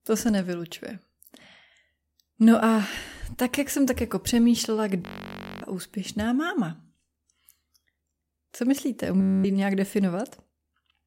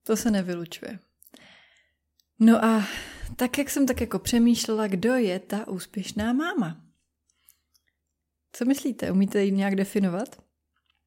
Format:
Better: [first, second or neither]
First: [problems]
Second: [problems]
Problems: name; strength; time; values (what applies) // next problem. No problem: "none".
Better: second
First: audio freezing; at 5 s for 0.5 s and at 9 s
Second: none